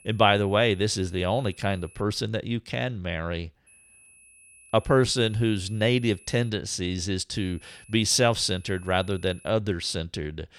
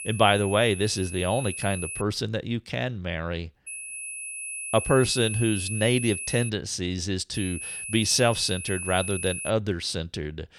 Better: first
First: high-pitched whine; faint; until 2 s, from 3.5 to 6.5 s and from 7.5 to 9.5 s; 10.5 kHz, 25 dB below the speech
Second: high-pitched whine; loud; until 2 s, from 3.5 to 6.5 s and from 7.5 to 9.5 s; 10.5 kHz, 7 dB below the speech

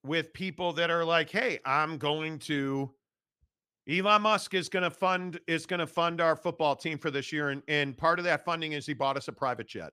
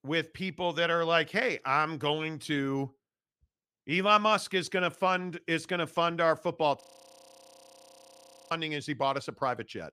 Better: first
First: none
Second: audio freezing; at 7 s for 1.5 s

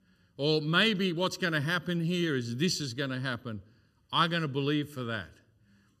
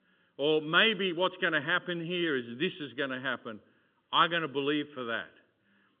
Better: first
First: none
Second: phone-call audio; nothing above 3.5 kHz

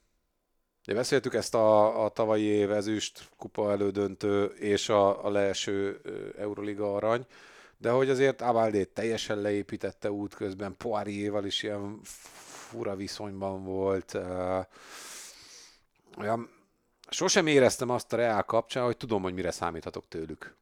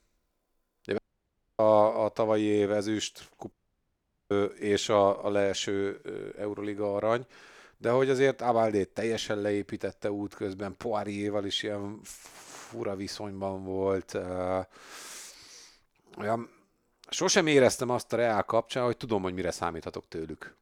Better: first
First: none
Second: audio cutting out; at 1 s for 0.5 s and at 3.5 s for 1 s

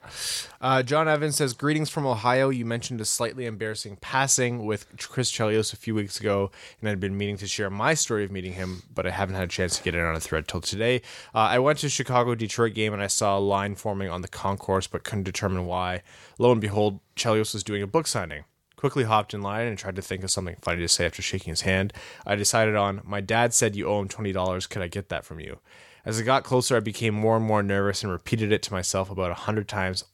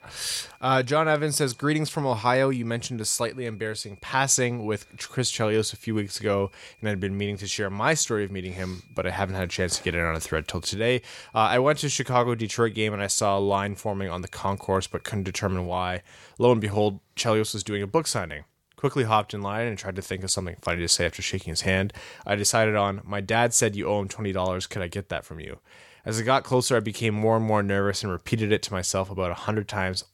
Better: first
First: none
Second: high-pitched whine; faint; until 16 s; 2.5 kHz, 30 dB below the speech

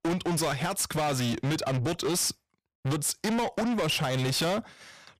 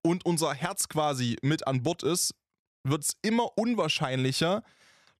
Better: second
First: distortion; heavy; 6 dB below the speech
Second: none

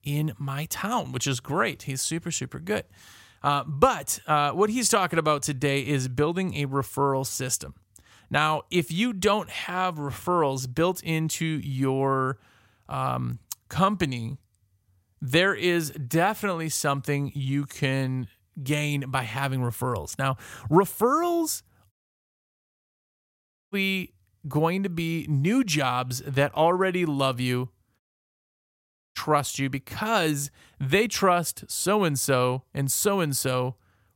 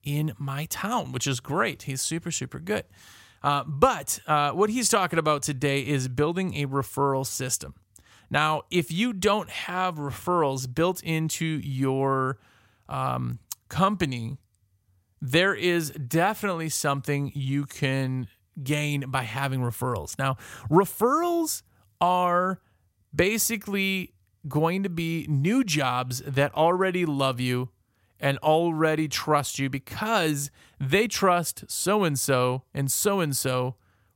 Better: second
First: audio cutting out; at 22 s for 2 s and at 28 s for 1 s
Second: none

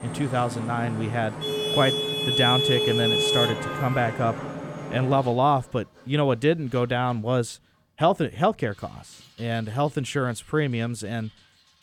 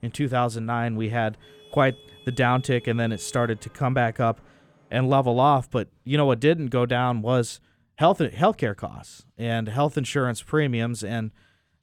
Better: second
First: traffic noise; loud; throughout; as loud as the speech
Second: traffic noise; faint; throughout; 25 dB below the speech

